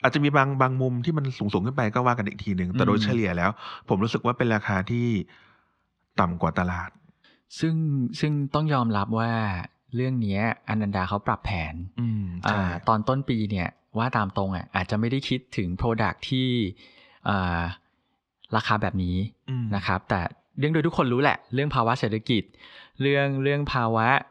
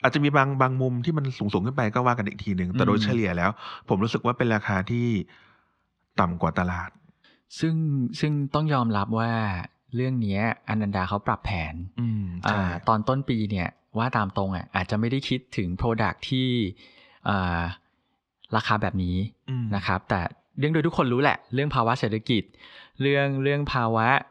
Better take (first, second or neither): neither